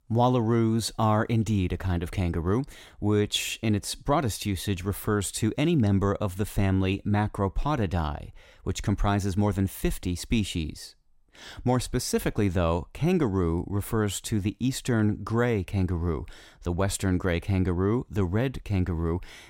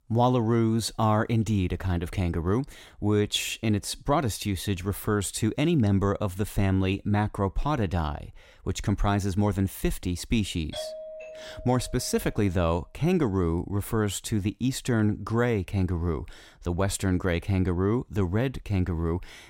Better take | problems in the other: first | doorbell; noticeable; from 11 to 12 s; peak 9 dB below the speech

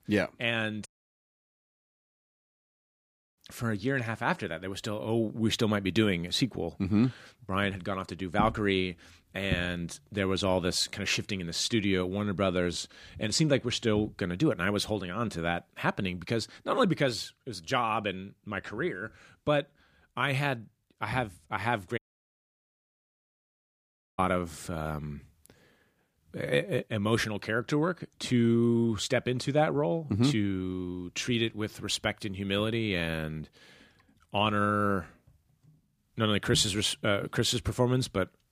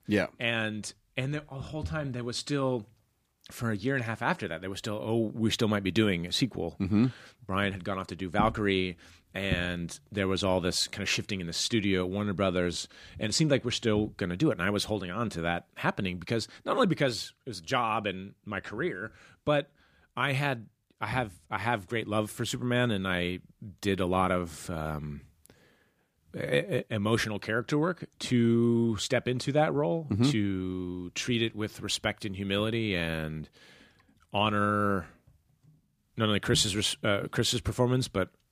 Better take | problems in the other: second | audio cutting out; at 1 s for 2.5 s and at 22 s for 2 s

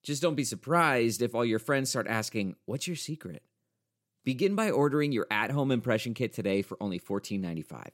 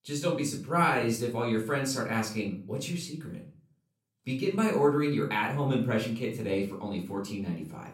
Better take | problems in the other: first | off-mic speech; somewhat distant // room echo; slight; dies away in 0.4 s

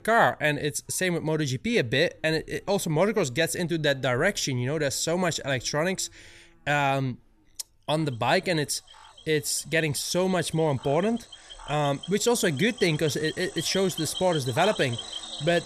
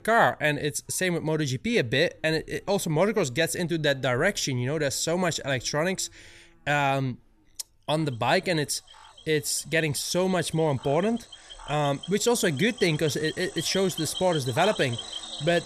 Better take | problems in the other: neither | animal sounds; noticeable; throughout; 15 dB below the speech; the same in both

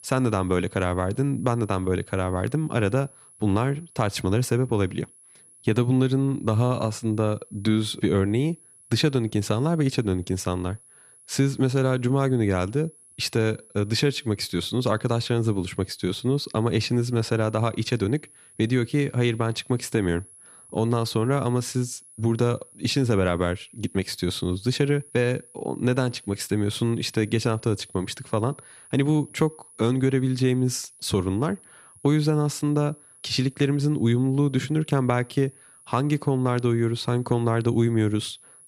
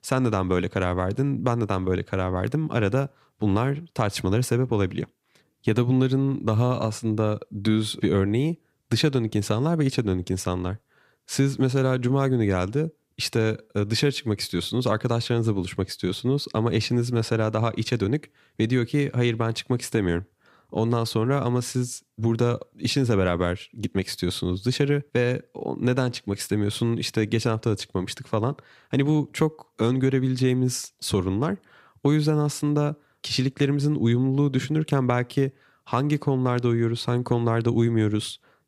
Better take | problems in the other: second | high-pitched whine; faint; throughout; 10.5 kHz, 25 dB below the speech

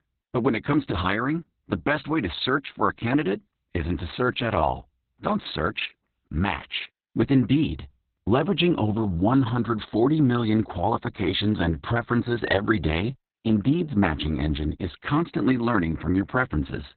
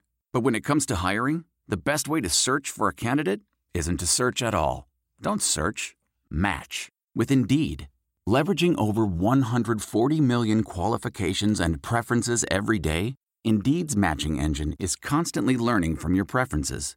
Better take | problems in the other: second | garbled, watery; badly; nothing above 4 kHz

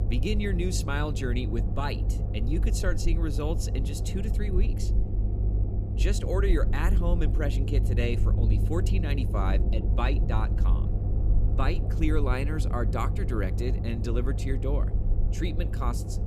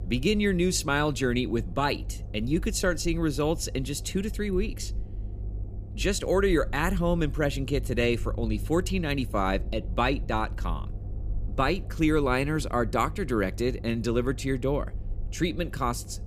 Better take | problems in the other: second | low rumble; loud; throughout; 7 dB below the speech; faint in the second

